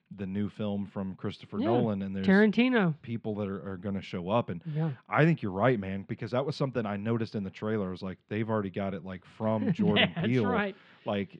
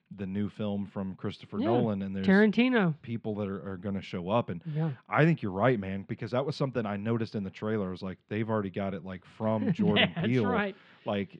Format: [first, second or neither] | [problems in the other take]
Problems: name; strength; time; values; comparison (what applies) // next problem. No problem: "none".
neither | muffled; slightly; fading above 3.5 kHz; the same in both